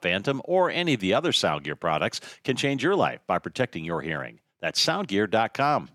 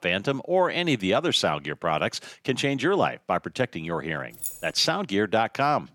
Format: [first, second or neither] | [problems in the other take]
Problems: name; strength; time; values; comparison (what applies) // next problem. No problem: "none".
first | jangling keys; noticeable; at 4.5 s; peak 8 dB below the speech